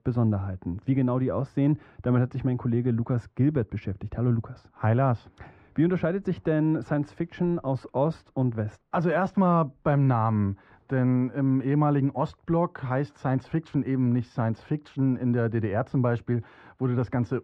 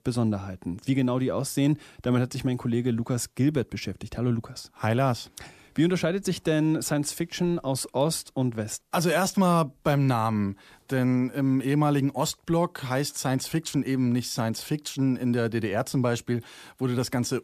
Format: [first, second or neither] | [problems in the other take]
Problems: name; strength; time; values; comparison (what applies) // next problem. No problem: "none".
second | muffled; very; fading above 1.5 kHz